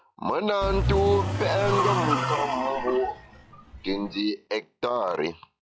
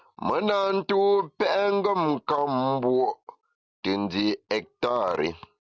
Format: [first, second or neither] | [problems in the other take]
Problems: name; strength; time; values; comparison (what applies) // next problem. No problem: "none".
second | noise reduction (classical method log-MMSE)